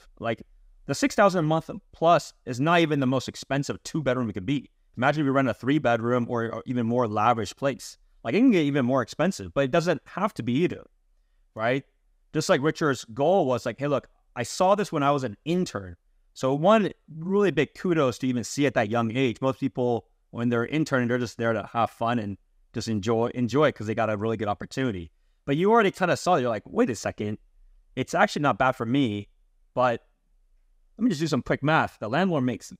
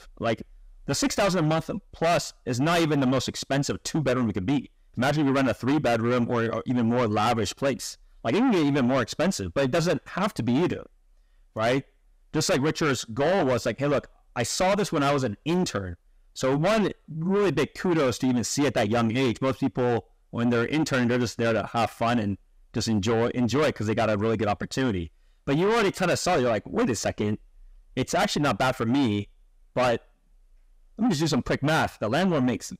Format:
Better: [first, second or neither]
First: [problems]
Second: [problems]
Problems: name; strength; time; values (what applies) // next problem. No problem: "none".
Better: first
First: none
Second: distortion; heavy; 6 dB below the speech